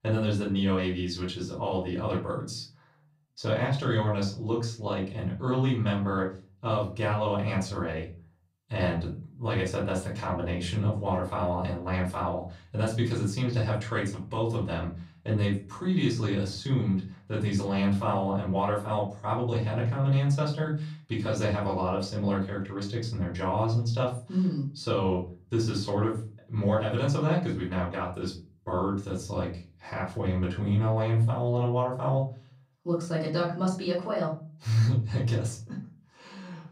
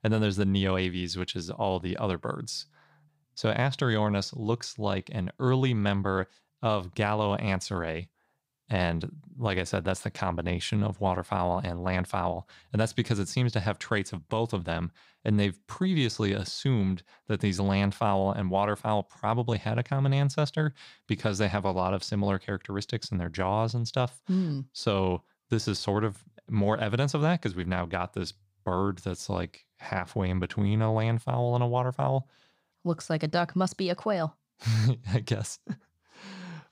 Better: second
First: off-mic speech; far // room echo; slight; dies away in 0.3 s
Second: none

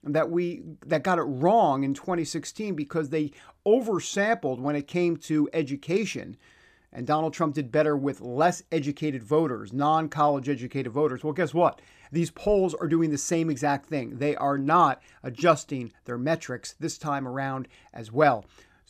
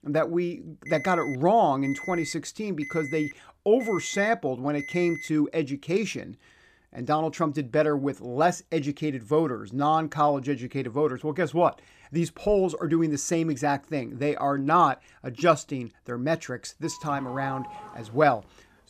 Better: first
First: none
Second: alarm; noticeable; from 1 to 5.5 s; peak 9 dB below the speech // doorbell; faint; from 17 to 18 s; peak 10 dB below the speech

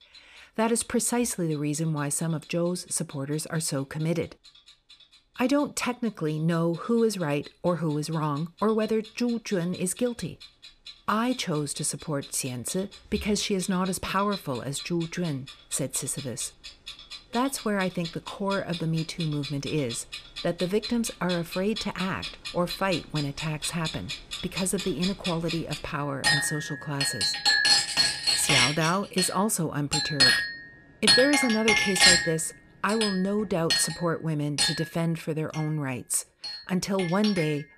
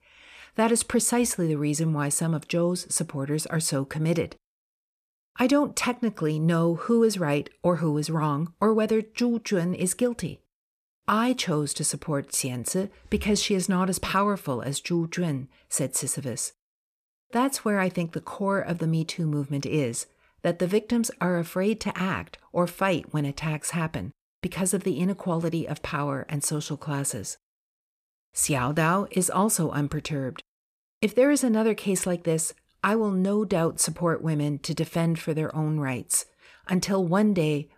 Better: second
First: household noises; very loud; throughout; 2 dB above the speech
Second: none

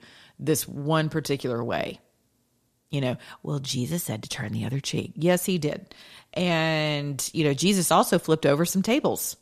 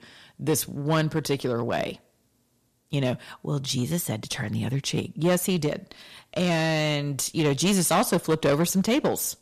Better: first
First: none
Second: distortion; slight; 4% of the sound clipped

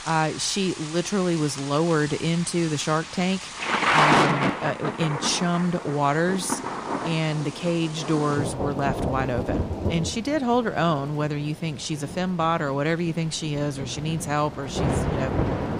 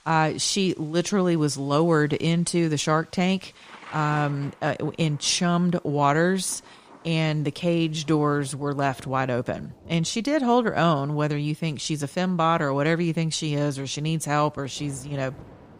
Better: second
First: rain or running water; loud; throughout; 2 dB below the speech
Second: rain or running water; faint; throughout; 25 dB below the speech

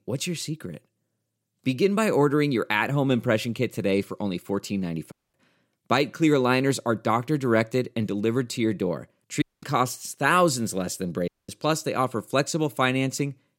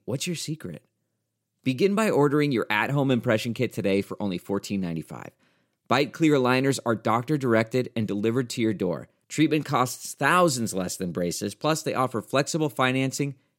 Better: second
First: audio cutting out; at 5 s, at 9.5 s and at 11 s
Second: none

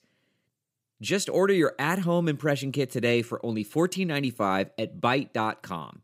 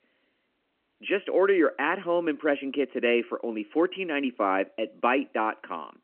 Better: first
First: none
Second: phone-call audio; nothing above 2.5 kHz

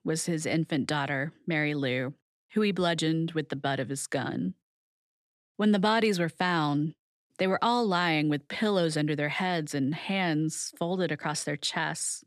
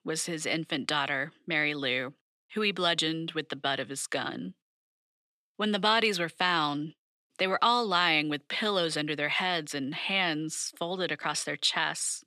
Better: first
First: none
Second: thin; very slightly; fading below 800 Hz

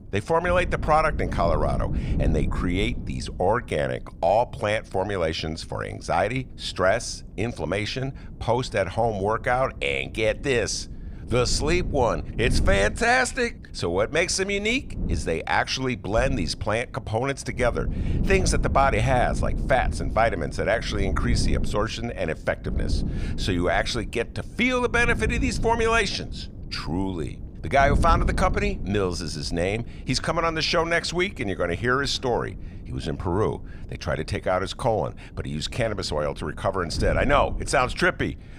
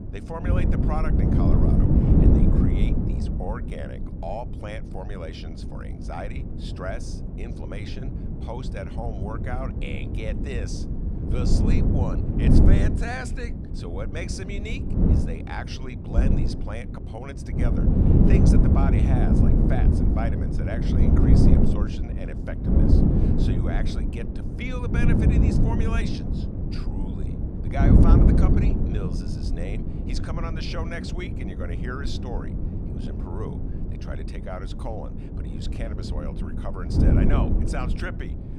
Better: first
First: wind noise on the microphone; occasional gusts; 20 dB below the speech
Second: wind noise on the microphone; heavy; 3 dB above the speech

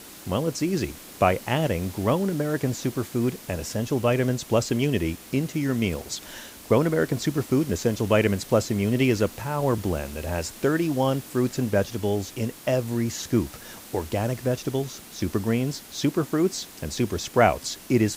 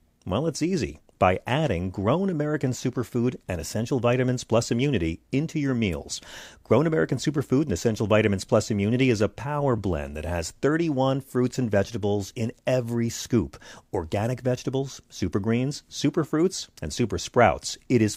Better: second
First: hiss; noticeable; throughout; 15 dB below the speech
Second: none

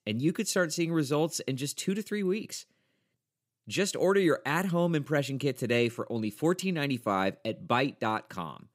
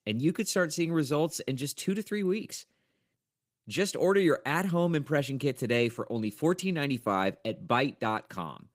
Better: first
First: none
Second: garbled, watery; slightly; nothing above 15.5 kHz

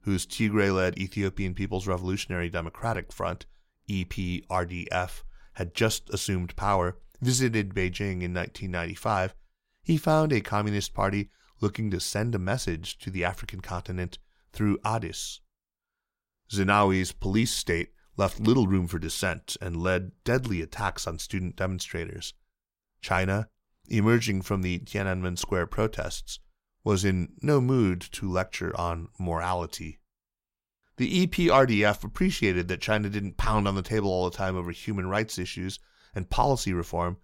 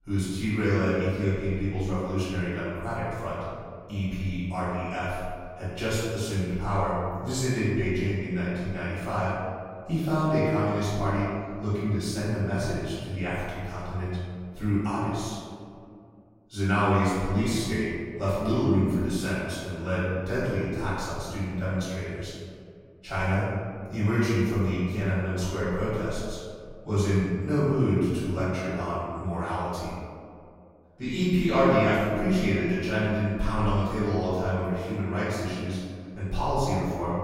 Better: first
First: none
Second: off-mic speech; far // room echo; strong; dies away in 2 s

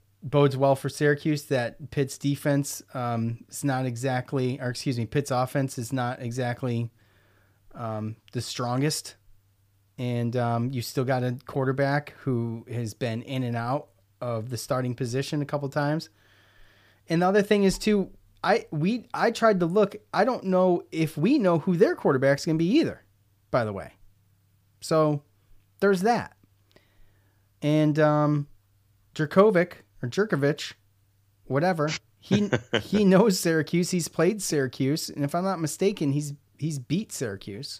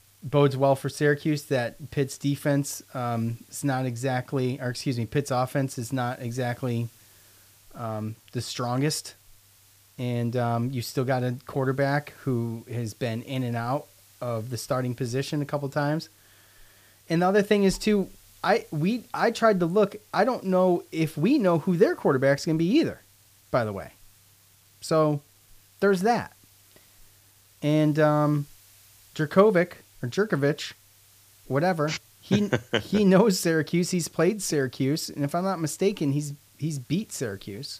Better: first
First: none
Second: hiss; faint; throughout; 30 dB below the speech

